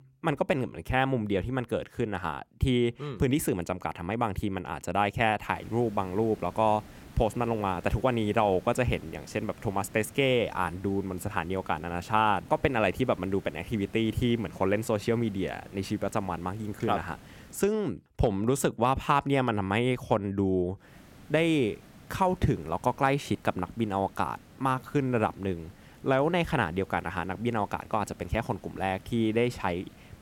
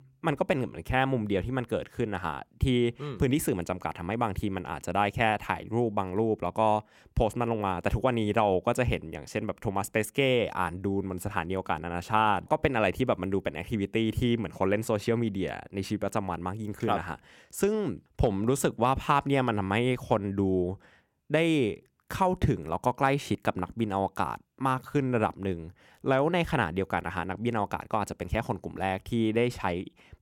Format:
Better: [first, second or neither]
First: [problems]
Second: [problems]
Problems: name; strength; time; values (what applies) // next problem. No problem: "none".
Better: second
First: hiss; faint; from 5.5 to 18 s and from 21 s on; 20 dB below the speech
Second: none